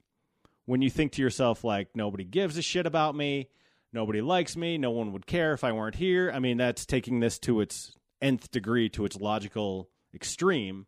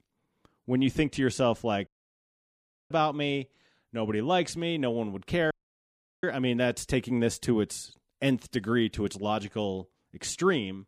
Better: first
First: none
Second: audio cutting out; at 2 s for 1 s and at 5.5 s for 0.5 s

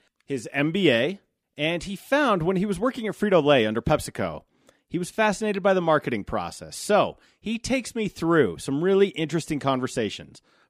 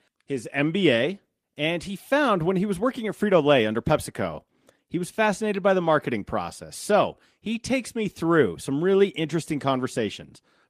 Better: first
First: none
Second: garbled, watery; slightly; nothing above 15 kHz

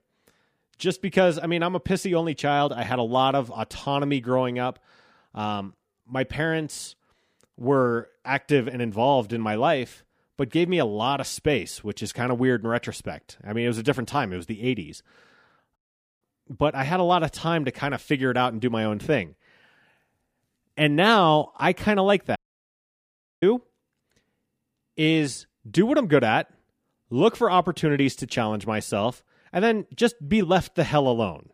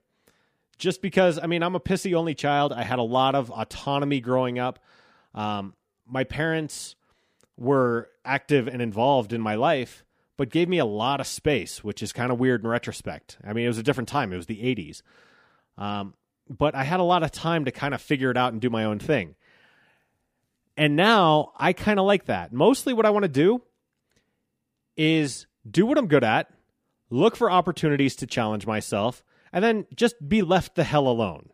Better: second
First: audio cutting out; at 16 s and at 22 s for 1 s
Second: none

